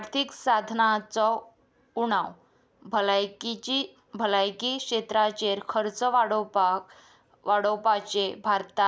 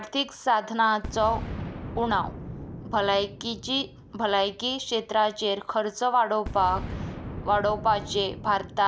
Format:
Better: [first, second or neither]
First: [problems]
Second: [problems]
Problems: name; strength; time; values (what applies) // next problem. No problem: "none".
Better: first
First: none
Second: background sound (Boom); 12 dB below the speech